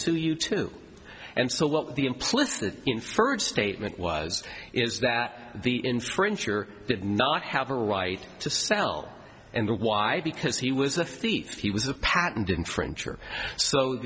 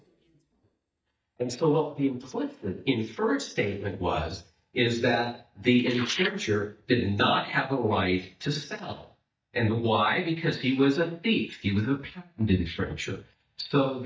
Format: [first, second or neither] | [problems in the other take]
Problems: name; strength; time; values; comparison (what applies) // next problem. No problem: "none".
first | noise reduction (neural mask model DeepFilterNet 3)